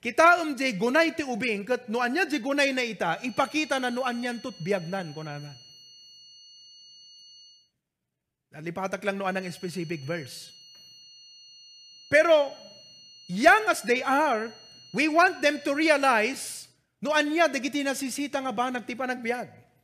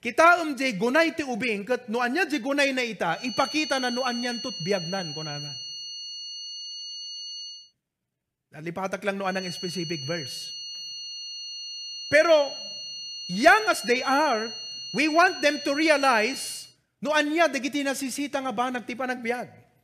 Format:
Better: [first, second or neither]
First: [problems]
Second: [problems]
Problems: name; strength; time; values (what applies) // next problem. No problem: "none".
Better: first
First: high-pitched whine; faint; from 3 to 7.5 s and from 9.5 to 17 s; 4.5 kHz, 25 dB below the speech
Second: high-pitched whine; loud; from 3 to 7.5 s and from 9.5 to 17 s; 4.5 kHz, 10 dB below the speech